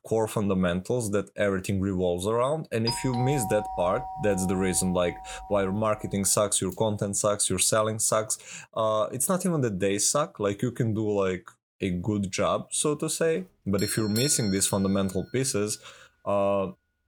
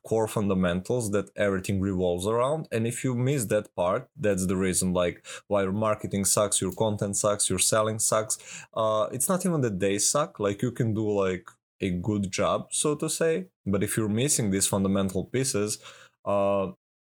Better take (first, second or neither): second